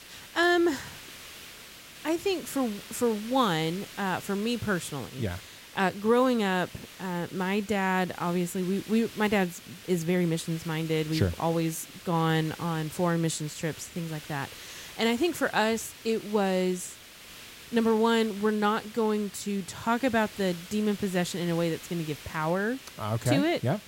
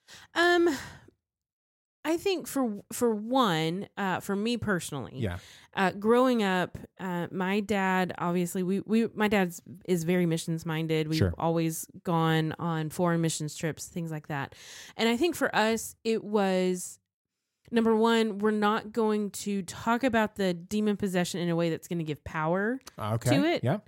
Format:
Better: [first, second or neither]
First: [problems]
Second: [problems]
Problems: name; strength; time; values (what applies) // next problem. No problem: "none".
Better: second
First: hiss; noticeable; throughout; 15 dB below the speech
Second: none